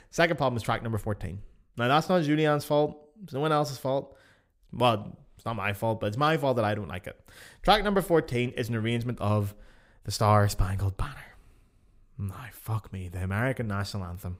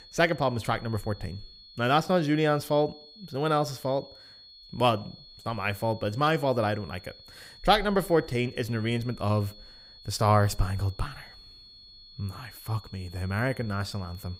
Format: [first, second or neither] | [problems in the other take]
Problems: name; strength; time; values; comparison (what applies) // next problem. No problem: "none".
first | high-pitched whine; faint; throughout; 4.5 kHz, 20 dB below the speech